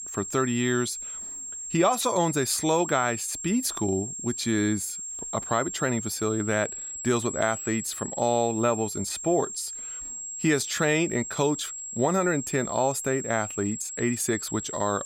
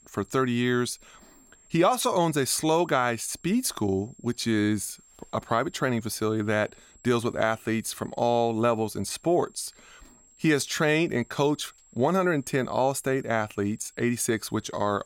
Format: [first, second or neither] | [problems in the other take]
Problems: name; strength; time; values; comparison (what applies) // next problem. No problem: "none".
second | high-pitched whine; loud; throughout; 7.5 kHz, 7 dB below the speech; faint in the second